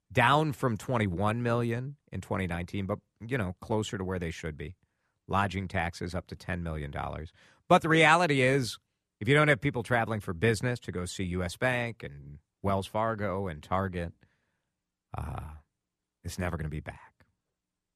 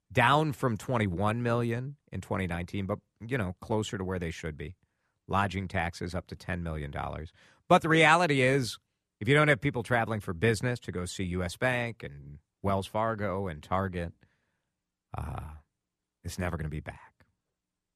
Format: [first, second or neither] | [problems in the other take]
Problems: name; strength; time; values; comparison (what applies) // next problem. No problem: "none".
neither | none